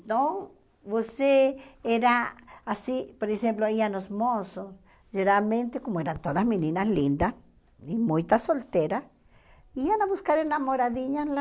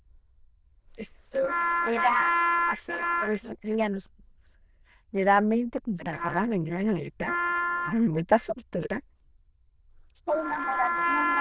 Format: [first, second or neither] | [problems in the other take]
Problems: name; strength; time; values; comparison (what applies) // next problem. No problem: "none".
first | noise reduction (neural diffusion model UNIVERSE++)